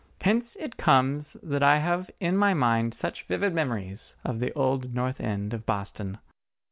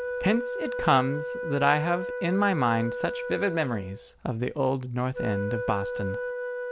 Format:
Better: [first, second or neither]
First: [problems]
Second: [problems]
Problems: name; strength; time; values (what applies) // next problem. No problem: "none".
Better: first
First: none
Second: background sound (Wind instrument, woodwind instrument); 6 dB below the speech